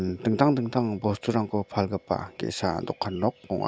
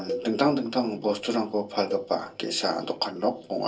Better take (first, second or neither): first